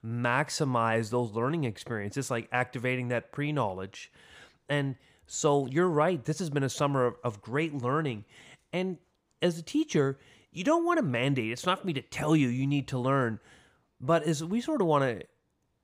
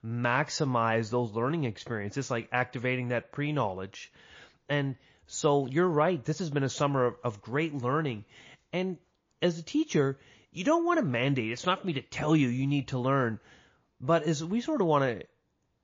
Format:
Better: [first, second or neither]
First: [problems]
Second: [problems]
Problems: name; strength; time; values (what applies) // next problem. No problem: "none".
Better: first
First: none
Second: garbled, watery; slightly